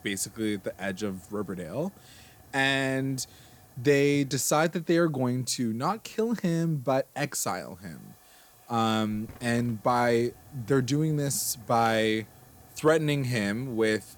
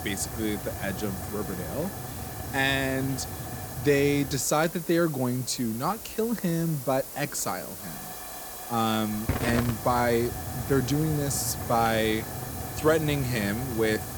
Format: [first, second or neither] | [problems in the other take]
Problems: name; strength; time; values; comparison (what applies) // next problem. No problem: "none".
first | hiss; loud; throughout; 7 dB below the speech; faint in the first